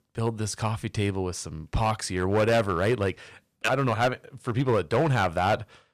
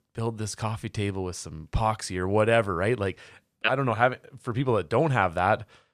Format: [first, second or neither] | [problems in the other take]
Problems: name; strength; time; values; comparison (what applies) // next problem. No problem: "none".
second | distortion; slight; 6% of the sound clipped